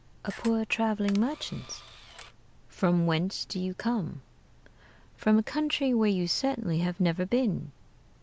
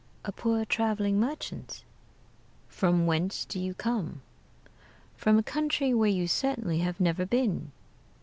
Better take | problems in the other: second | background sound (Camera); 19 dB below the speech

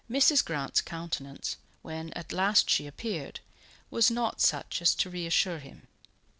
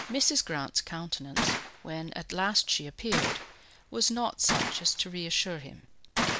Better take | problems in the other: first | background sound (Gunshot, gunfire); 4 dB below the speech

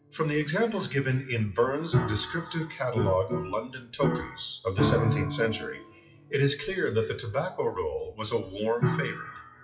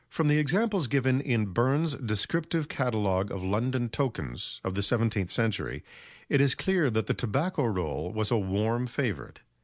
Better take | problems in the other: second | noise reduction (classical method WPE with log-MMSE)

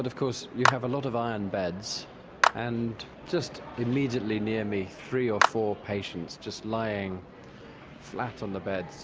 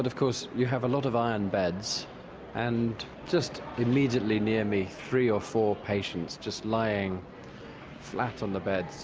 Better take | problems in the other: second | background sound (Clapping); as loud as the speech

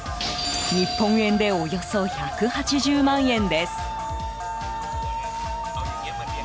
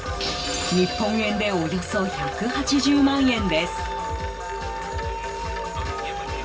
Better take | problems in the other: first | background sound (Wind chime); 11 dB below the speech // room echo; dies away in 0.2 s

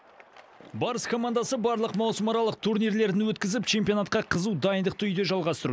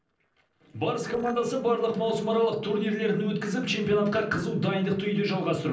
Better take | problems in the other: first | noise reduction (neural separator model SepFormer DNS4)

